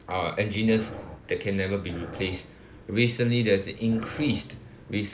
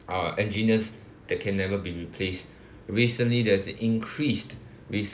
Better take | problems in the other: second | background sound (Dog); 15 dB below the speech

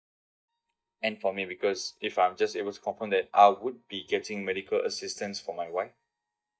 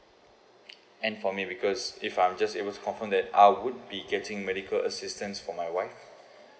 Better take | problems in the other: second | noise reduction (neural mask model DeepFilterNet 3)

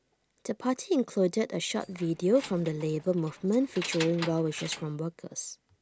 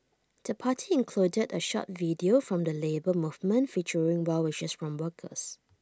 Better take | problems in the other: second | background sound (Keys jangling); 14 dB below the speech

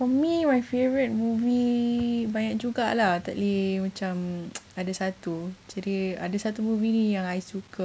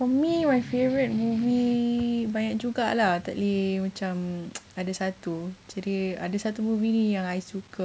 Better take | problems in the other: first | background sound (Strum); 14 dB below the speech

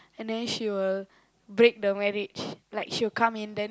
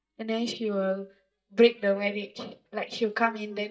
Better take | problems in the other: first | noise reduction (neural mask model DeepFilterNet 3)

